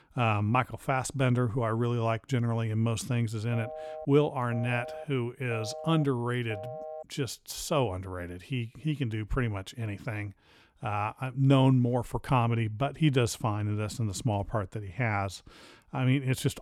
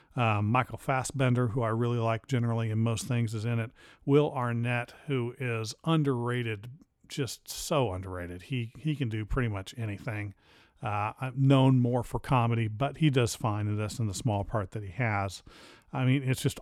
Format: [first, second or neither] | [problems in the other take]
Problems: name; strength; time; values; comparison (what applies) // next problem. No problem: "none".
second | phone ringing; faint; from 3.5 to 7 s; peak 10 dB below the speech